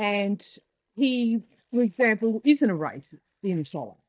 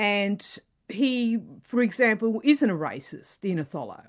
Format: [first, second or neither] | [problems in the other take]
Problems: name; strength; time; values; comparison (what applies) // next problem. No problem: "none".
second | noise reduction (neural mask model DeepFilterNet 3)